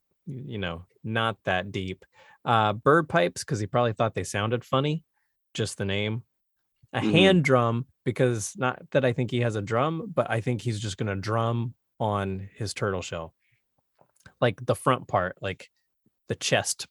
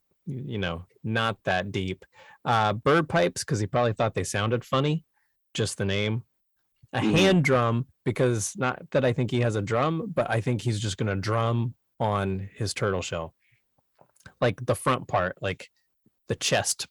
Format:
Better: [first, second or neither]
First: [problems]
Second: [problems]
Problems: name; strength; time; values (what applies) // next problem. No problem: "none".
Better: first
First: none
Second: distortion; slight; 10 dB below the speech